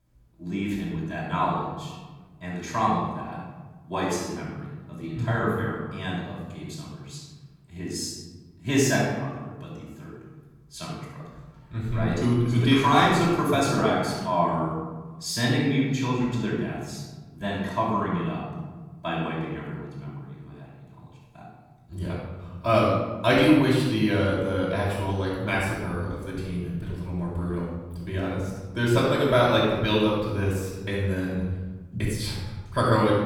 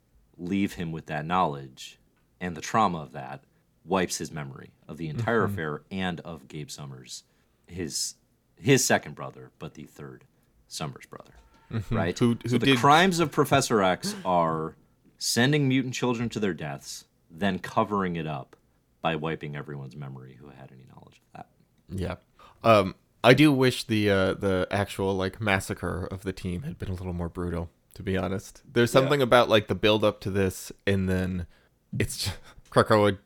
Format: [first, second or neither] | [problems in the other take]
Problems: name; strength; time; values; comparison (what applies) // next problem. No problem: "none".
second | off-mic speech; far // room echo; strong; dies away in 1.4 s